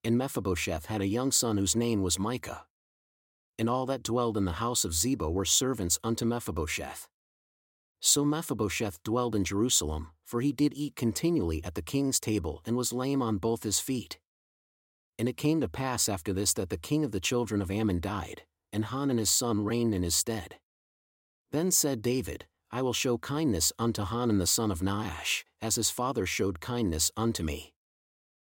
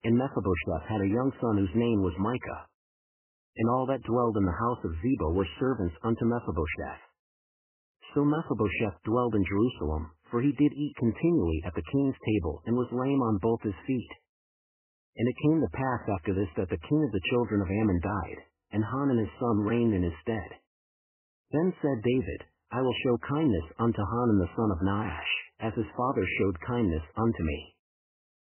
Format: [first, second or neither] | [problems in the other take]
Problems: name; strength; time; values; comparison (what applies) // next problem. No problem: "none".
first | garbled, watery; badly; nothing above 3 kHz